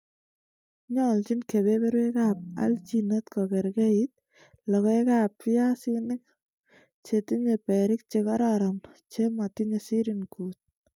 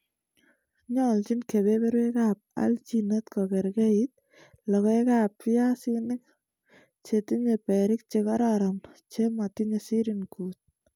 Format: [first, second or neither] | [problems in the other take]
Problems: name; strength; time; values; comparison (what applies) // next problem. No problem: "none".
second | noise reduction (neural mask model DeepFilterNet 3)